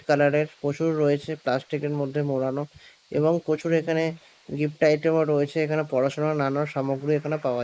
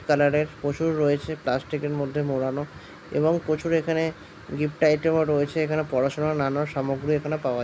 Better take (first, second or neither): second